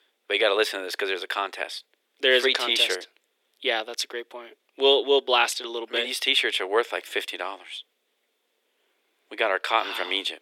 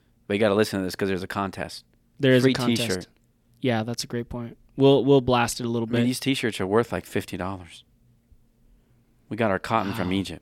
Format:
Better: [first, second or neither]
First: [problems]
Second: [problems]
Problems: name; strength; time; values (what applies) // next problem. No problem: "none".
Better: second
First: thin; very; fading below 350 Hz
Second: none